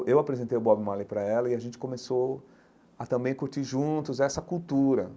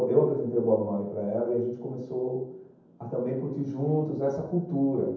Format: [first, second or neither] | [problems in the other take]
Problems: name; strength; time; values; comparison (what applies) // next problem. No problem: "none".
first | room echo; dies away in 0.9 s